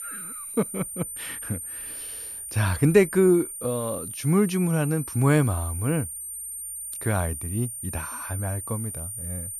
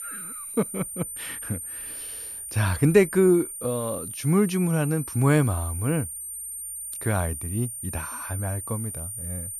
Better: neither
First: high-pitched whine; loud; throughout; 9 kHz, 8 dB below the speech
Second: high-pitched whine; loud; throughout; 9 kHz, 8 dB below the speech

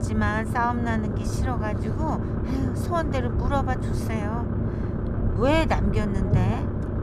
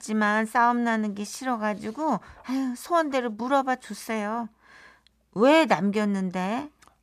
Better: second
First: low rumble; loud; throughout; 7 dB below the speech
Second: none

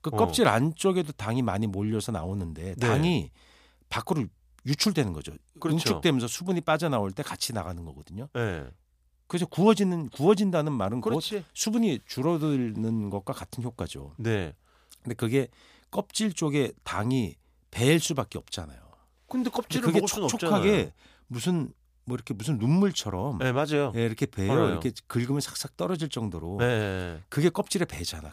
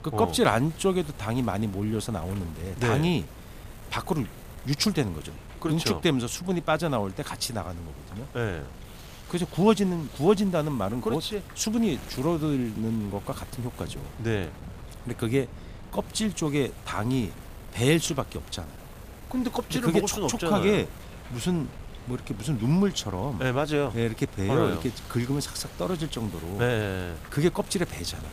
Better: first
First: none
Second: wind noise on the microphone; occasional gusts; 15 dB below the speech

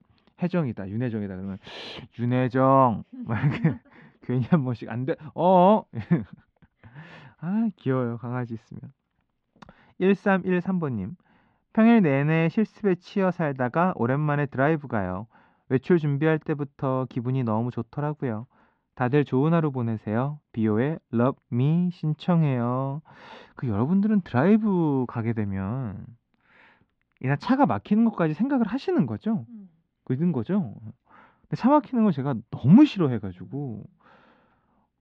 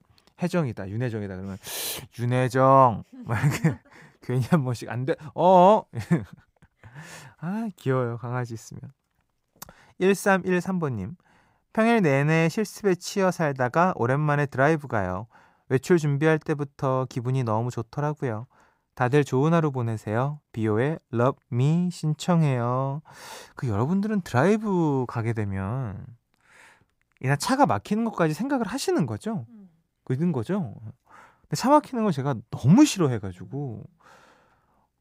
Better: second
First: muffled; slightly; fading above 3.5 kHz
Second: none

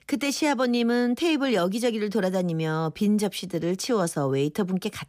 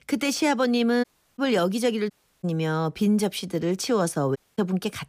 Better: first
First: none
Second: audio cutting out; at 1 s, at 2 s and at 4.5 s

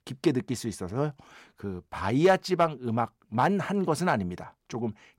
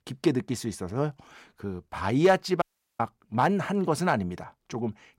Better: first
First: none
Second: audio cutting out; at 2.5 s

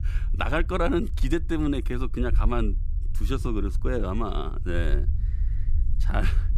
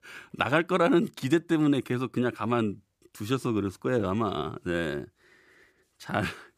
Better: second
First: low rumble; noticeable; throughout; 20 dB below the speech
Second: none

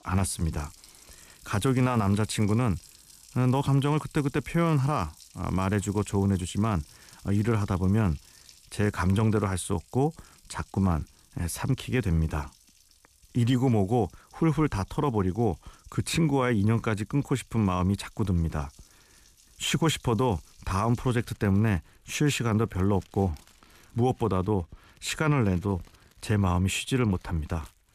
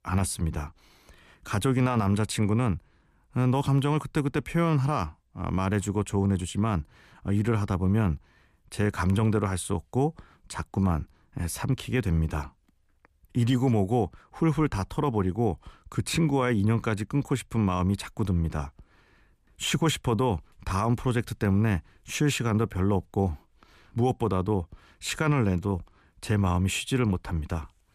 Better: second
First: household noises; faint; throughout; 25 dB below the speech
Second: none

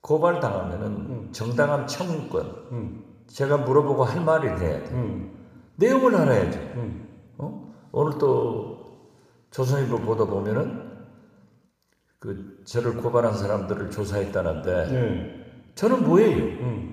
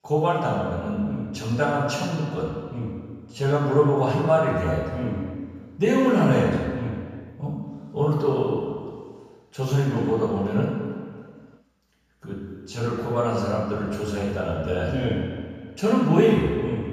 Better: first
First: room echo; slight; dies away in 1.3 s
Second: room echo; strong; dies away in 1.7 s // off-mic speech; far

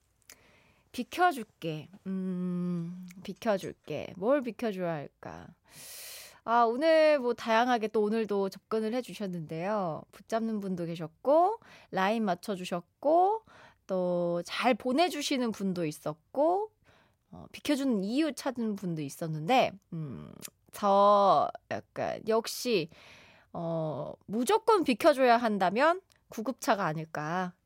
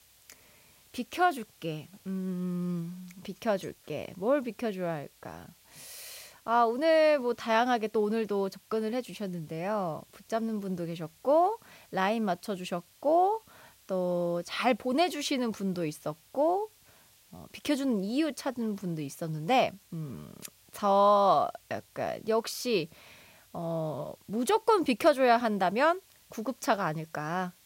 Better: first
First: none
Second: hiss; faint; throughout; 30 dB below the speech

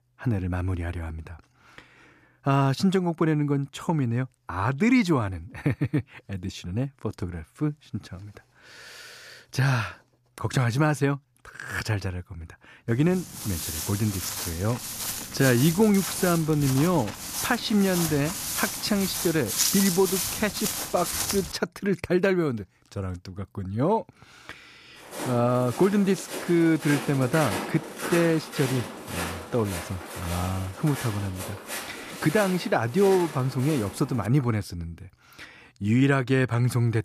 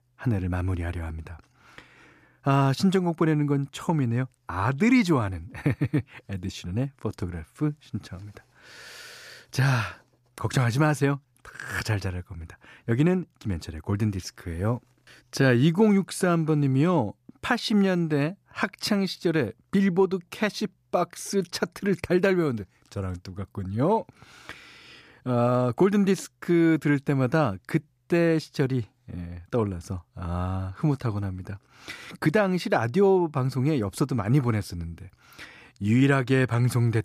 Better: second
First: footsteps; loud; from 13 to 22 s; peak 4 dB above the speech // footsteps; noticeable; from 25 to 34 s; peak 4 dB below the speech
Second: none

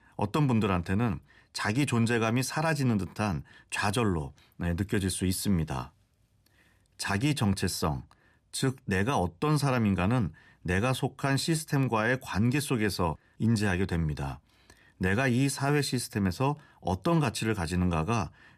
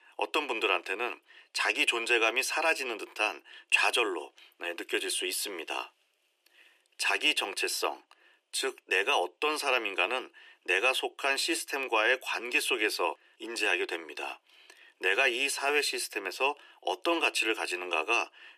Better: first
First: none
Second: thin; very; fading below 350 Hz

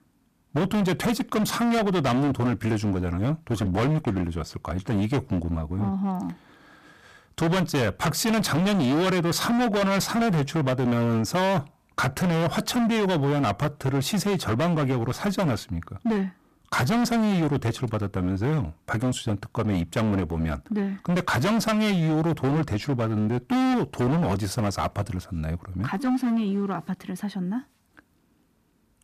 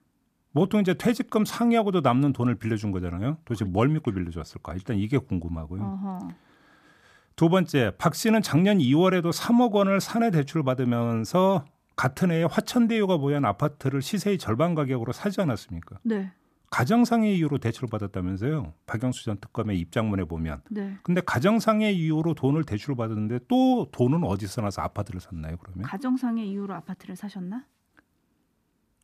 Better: second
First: distortion; heavy; 23% of the sound clipped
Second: none

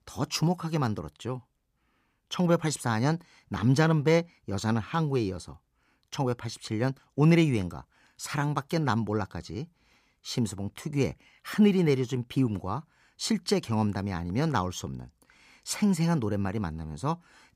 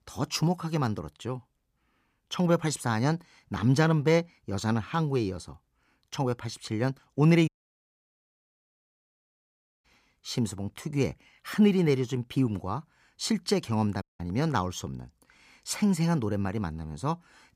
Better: first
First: none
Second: audio cutting out; at 7.5 s for 2.5 s and at 14 s

